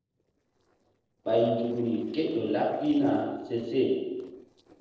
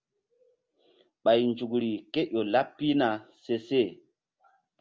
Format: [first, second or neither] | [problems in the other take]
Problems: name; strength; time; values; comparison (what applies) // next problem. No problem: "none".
second | noise reduction (neural separator model SepFormer DNS4)